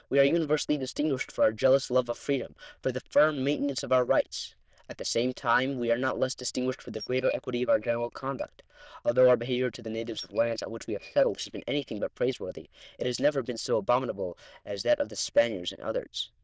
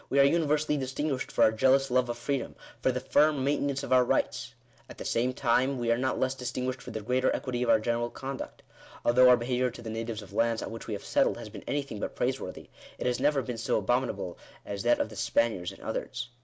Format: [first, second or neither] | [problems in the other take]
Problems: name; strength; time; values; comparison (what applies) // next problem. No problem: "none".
second | noise reduction (neural diffusion model UNIVERSE++)